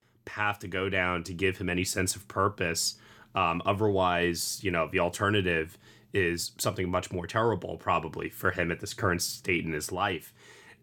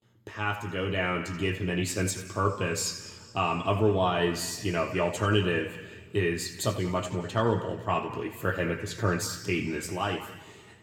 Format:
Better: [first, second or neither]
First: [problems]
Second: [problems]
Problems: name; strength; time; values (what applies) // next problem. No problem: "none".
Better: first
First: none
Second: room echo; slight; dies away in 1.6 s